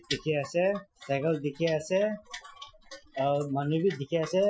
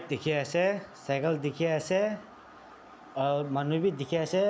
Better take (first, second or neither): second